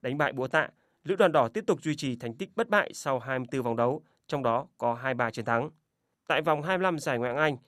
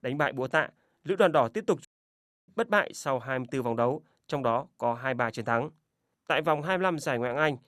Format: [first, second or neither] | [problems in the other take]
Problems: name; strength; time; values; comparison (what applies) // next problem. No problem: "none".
first | audio cutting out; at 2 s for 0.5 s